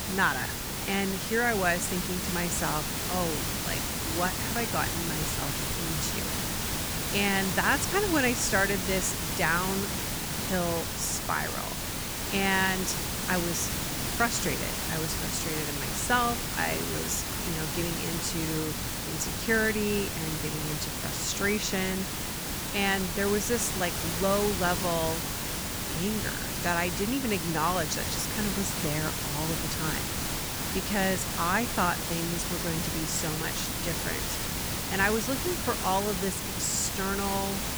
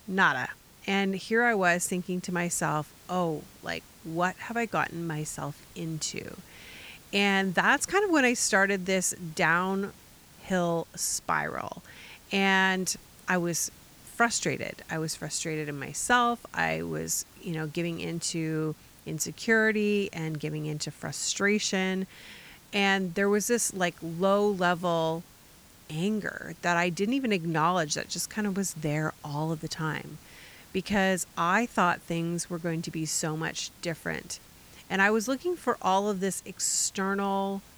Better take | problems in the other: second | hiss; loud; throughout; as loud as the speech; faint in the second

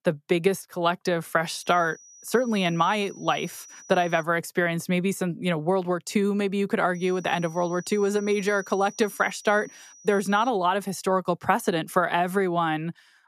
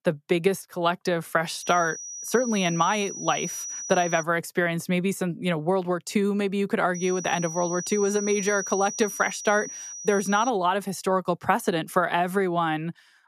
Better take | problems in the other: first | high-pitched whine; loud; from 1.5 to 4 s and from 7 to 11 s; 6 kHz, 8 dB below the speech; faint in the first

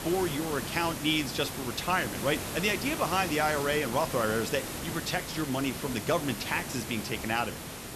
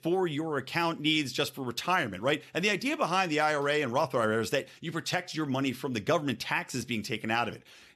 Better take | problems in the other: second | hiss; loud; throughout; 6 dB below the speech

